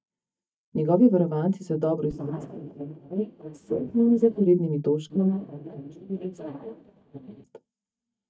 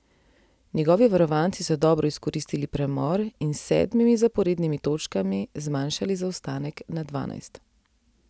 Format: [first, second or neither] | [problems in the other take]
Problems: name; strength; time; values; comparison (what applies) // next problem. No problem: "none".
second | noise reduction (neural mask model DeepFilterNet 3)